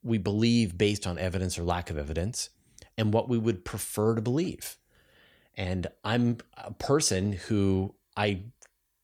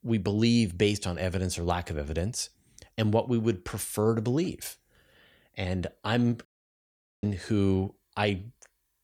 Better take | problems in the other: first | audio cutting out; at 6.5 s for 1 s

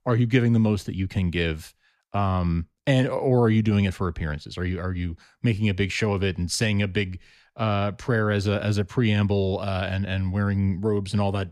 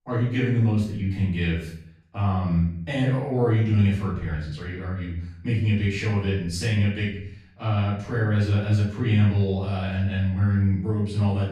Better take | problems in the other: first | off-mic speech; far // room echo; noticeable; dies away in 0.6 s

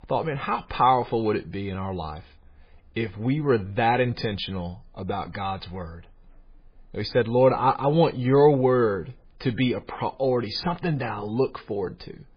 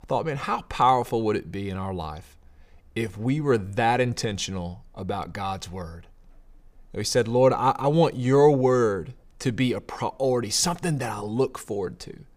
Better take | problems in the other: second | garbled, watery; badly; nothing above 5 kHz

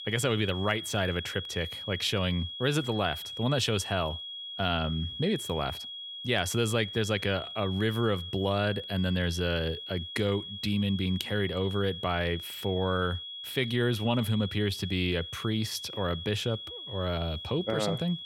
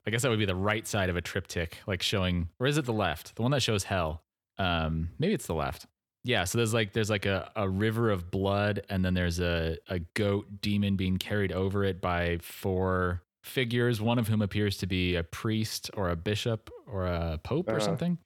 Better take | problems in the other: second | high-pitched whine; loud; throughout; 3.5 kHz, 8 dB below the speech

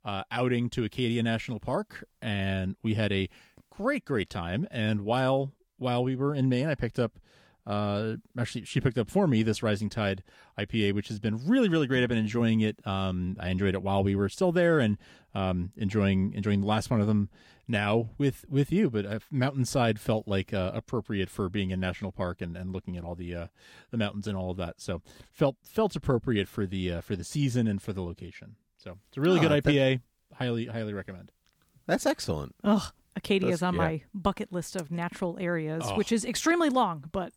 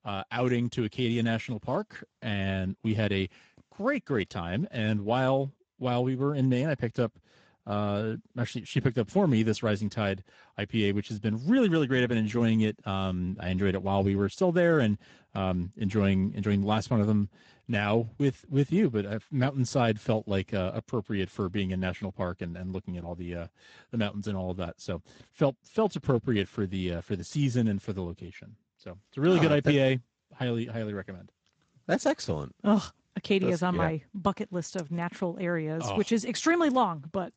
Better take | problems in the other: first | garbled, watery; slightly; nothing above 7.5 kHz

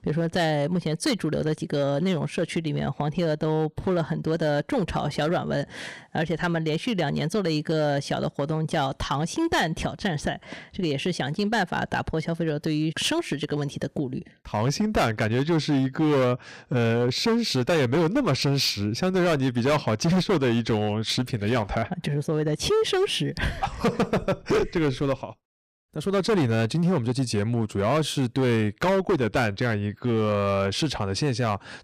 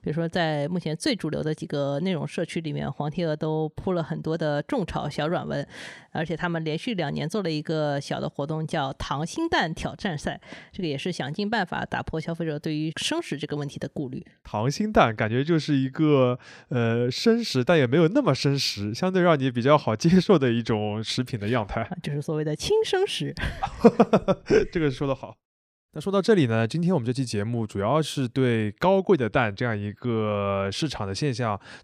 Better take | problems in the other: second | distortion; heavy; 10% of the sound clipped

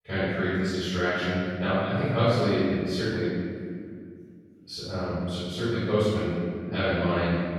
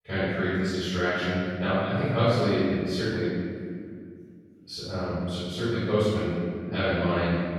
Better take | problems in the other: neither | off-mic speech; far; the same in both // room echo; strong; dies away in 2.2 s; the same in both

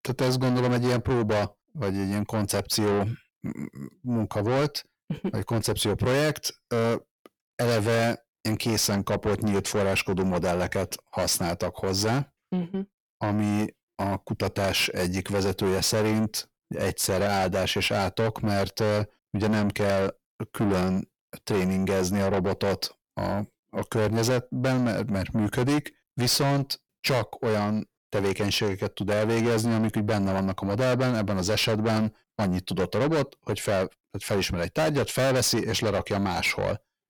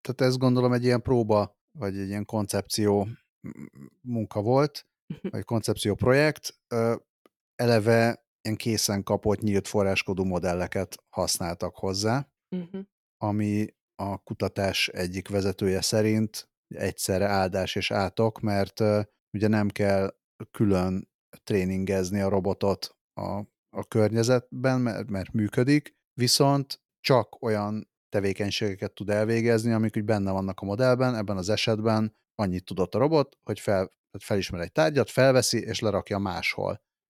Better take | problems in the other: second | distortion; heavy; 5 dB below the speech

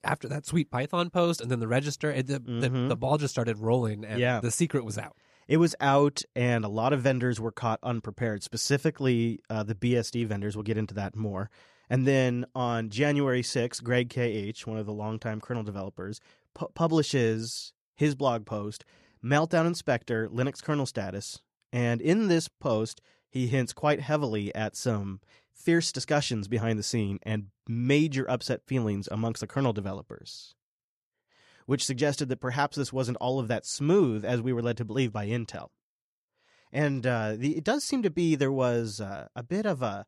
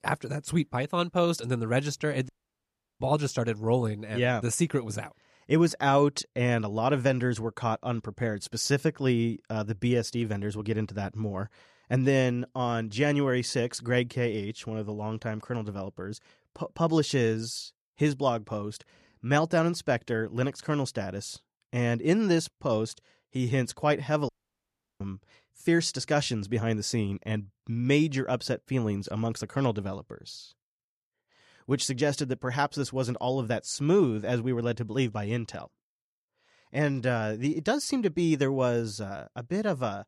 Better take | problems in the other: first | audio cutting out; at 2.5 s for 0.5 s and at 24 s for 0.5 s

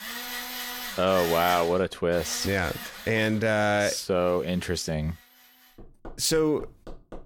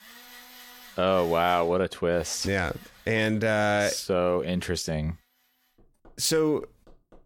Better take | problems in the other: second | machinery noise; loud; throughout; 10 dB below the speech; faint in the second

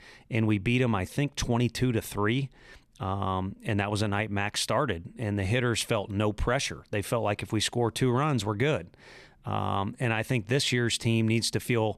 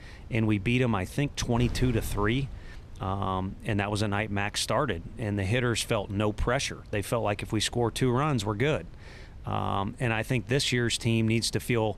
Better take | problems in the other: first | wind noise on the microphone; occasional gusts; 25 dB below the speech

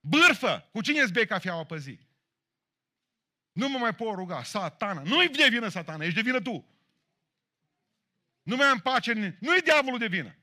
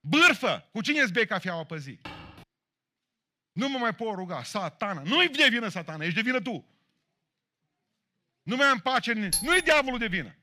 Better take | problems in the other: first | footsteps; faint; at 2 s; peak 20 dB below the speech // doorbell; noticeable; at 9.5 s; peak 2 dB below the speech

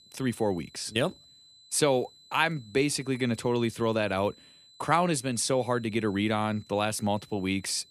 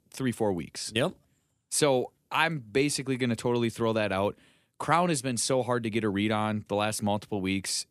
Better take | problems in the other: second | high-pitched whine; faint; throughout; 4 kHz, 25 dB below the speech

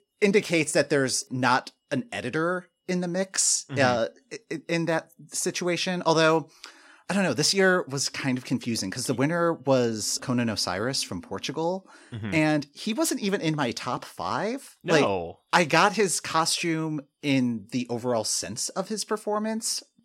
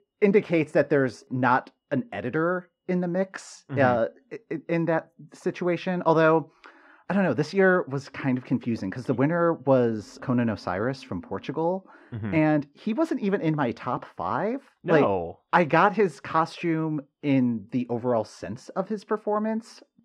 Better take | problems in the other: first | muffled; very; fading above 4 kHz

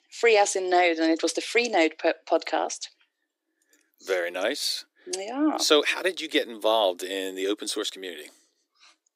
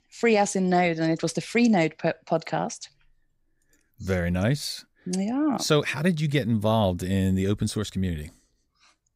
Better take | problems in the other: second | thin; very; fading below 300 Hz

